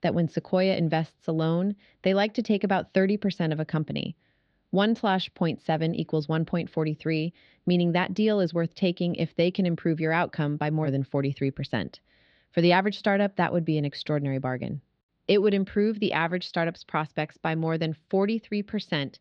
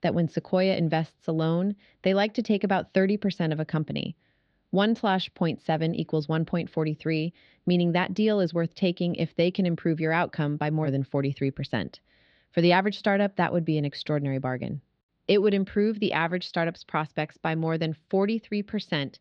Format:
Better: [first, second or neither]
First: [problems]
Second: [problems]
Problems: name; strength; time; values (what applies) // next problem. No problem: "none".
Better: neither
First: muffled; very slightly; fading above 4 kHz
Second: muffled; very slightly; fading above 4 kHz